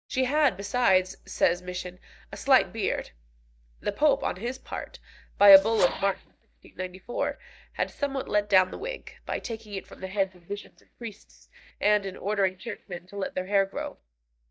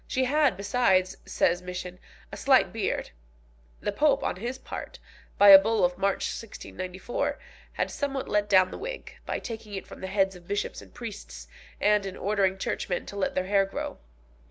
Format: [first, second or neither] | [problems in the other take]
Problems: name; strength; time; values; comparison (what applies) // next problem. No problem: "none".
second | noise reduction (neural mask model DeepFilterNet 3)